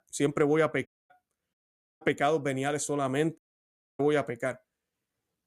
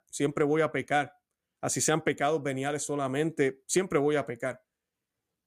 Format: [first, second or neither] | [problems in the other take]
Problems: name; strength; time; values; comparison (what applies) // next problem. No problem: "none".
second | audio cutting out; at 1 s, at 1.5 s and at 3.5 s for 0.5 s